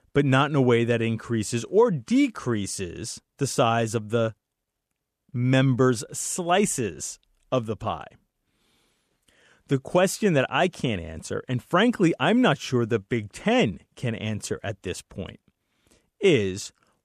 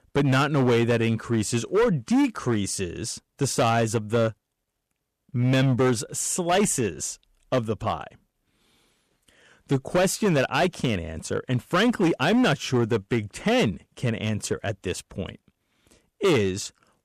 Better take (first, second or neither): first